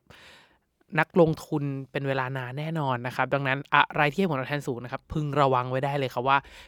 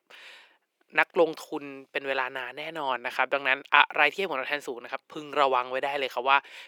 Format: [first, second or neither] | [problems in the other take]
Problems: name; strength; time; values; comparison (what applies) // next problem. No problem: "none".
first | thin; very; fading below 350 Hz